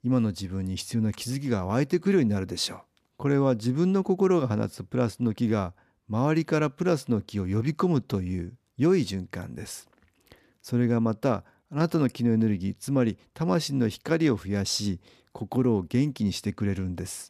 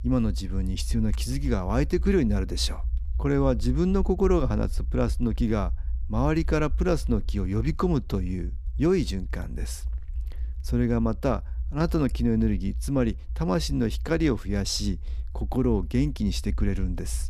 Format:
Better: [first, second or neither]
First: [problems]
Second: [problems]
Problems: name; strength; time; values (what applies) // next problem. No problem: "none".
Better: first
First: none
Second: low rumble; faint; throughout; 25 dB below the speech